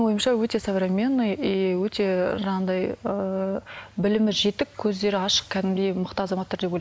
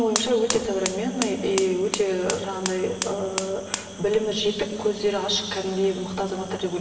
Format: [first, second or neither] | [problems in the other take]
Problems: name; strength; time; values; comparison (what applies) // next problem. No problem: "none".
first | background sound (Fire); 9 dB below the speech // room echo; dies away in 2.3 s